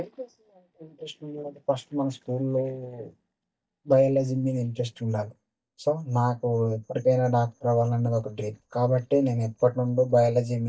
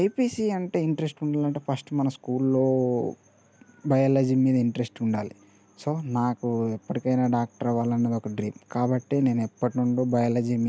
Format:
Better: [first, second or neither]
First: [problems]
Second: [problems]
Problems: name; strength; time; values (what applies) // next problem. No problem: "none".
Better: second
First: noise reduction (neural mask model DeepFilterNet 3)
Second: none